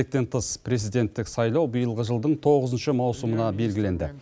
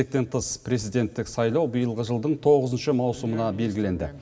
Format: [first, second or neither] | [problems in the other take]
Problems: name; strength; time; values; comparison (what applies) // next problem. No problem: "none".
first | room echo; dies away in 1.2 s